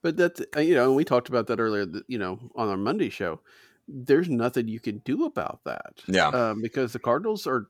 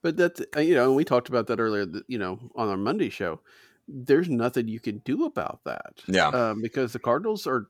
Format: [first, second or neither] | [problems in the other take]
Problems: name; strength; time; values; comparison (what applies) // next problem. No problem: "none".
neither | none